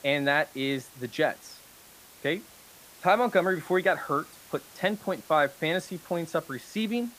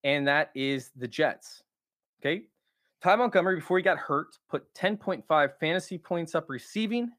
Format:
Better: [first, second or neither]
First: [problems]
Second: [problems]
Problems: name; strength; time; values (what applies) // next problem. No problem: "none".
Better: second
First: hiss; faint; throughout; 20 dB below the speech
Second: none